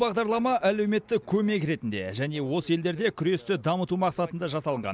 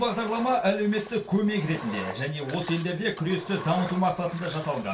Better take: first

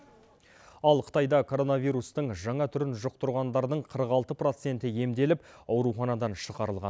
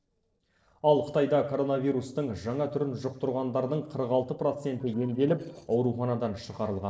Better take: first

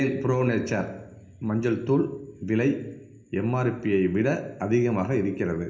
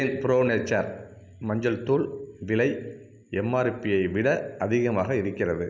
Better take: second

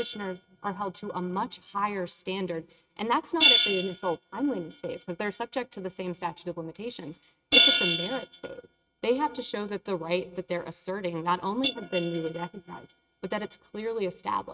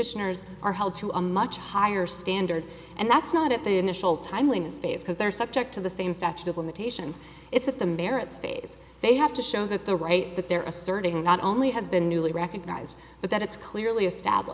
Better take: second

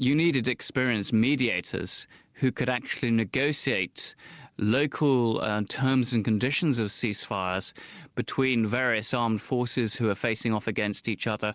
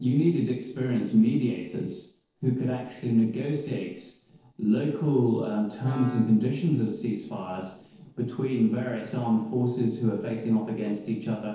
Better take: first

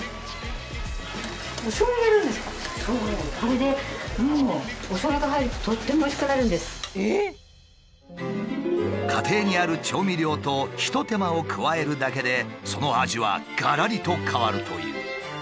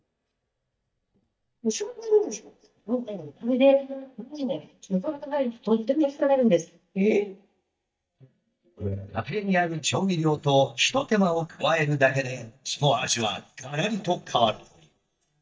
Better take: first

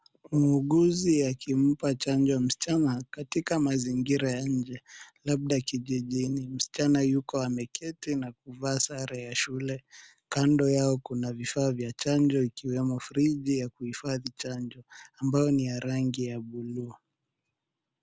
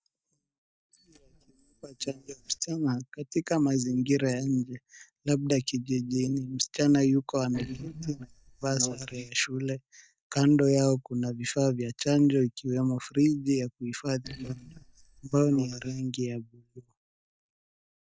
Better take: first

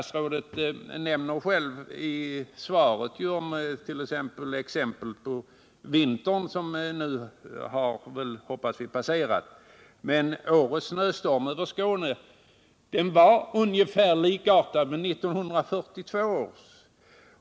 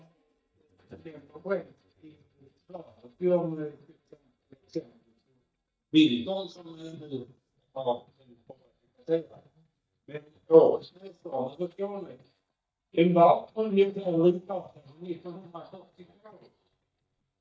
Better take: first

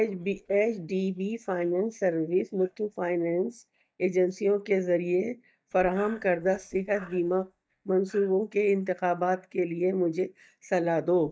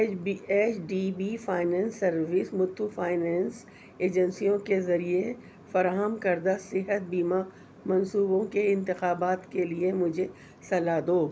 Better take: second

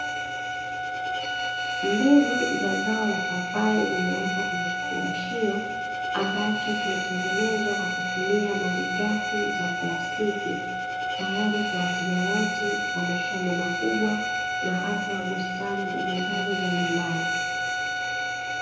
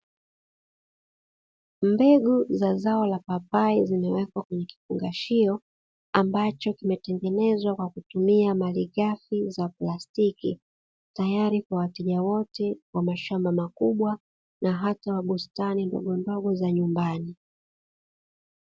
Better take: second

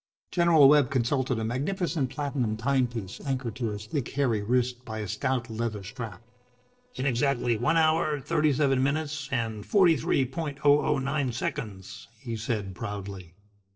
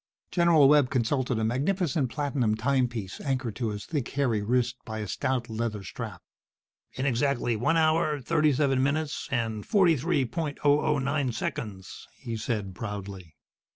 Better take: second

